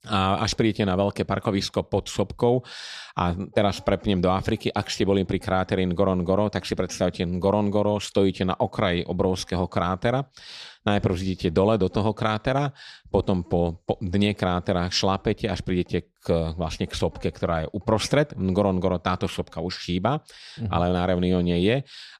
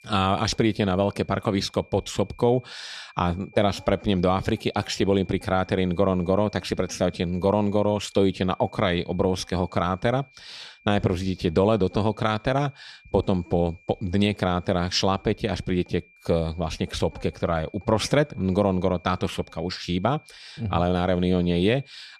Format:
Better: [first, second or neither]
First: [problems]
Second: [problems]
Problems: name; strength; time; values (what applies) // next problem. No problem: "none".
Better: first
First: none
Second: high-pitched whine; faint; throughout; 2.5 kHz, 30 dB below the speech